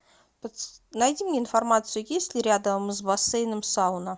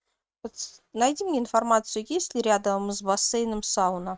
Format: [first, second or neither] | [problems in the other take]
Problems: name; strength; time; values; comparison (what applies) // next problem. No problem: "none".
first | noise reduction (neural mask model RNNoise)